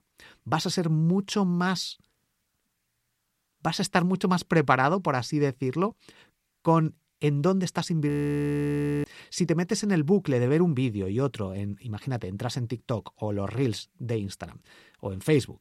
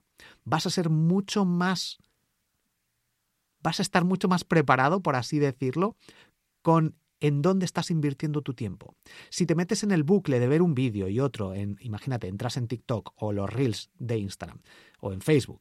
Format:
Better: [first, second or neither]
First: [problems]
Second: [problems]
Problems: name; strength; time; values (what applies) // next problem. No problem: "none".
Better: second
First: audio freezing; at 8 s for 1 s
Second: none